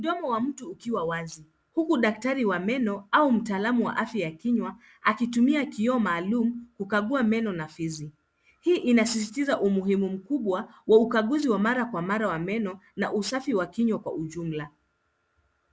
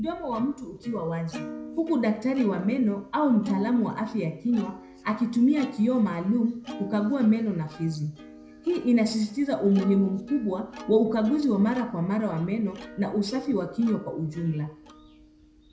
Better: first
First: none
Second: background sound (Plucked string instrument); 16 dB below the speech // room echo; dies away in 0.5 s

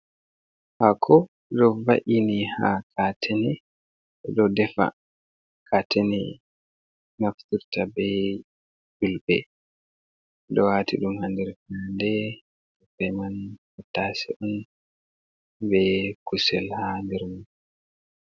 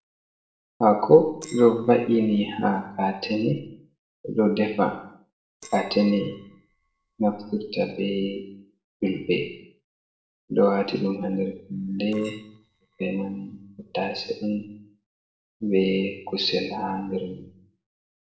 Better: first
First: none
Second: noise reduction (neural separator model SepFormer DNS4)

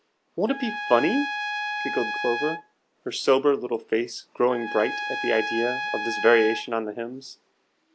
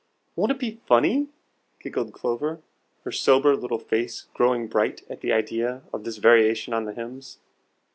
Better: second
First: background sound (Trumpet); 7 dB below the speech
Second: none

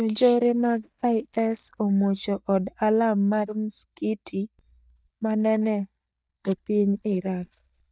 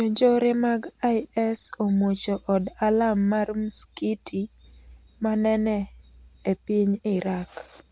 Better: second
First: noise reduction (neural mask model DeepFilterNet 3)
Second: none

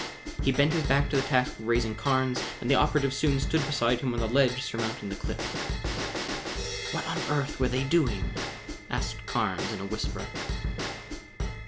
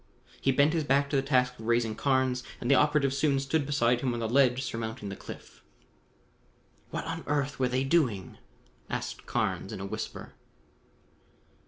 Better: second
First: background sound (Bell / Drum / Drum kit); 4 dB below the speech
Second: none

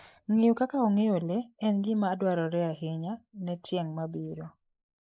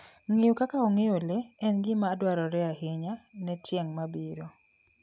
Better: second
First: noise reduction (neural mask model Resemble Enhance denoiser)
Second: none

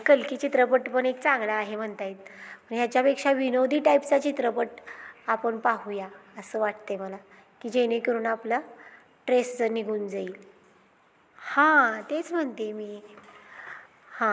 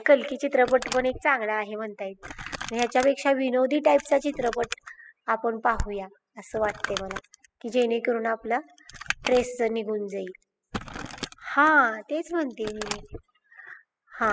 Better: first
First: none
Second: noise reduction (classical method spectral subtraction)

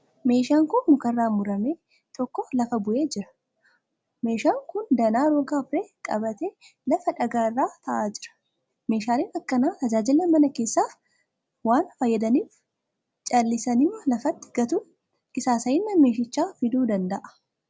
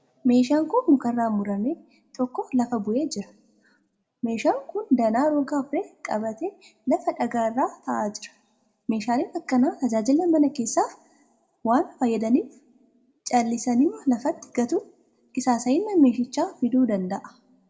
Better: first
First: none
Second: room echo; dies away in 0.5 s

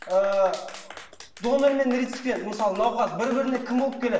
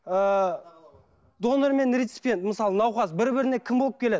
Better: second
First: background sound (Clapping); 18 dB below the speech // room echo; dies away in 0.8 s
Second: none

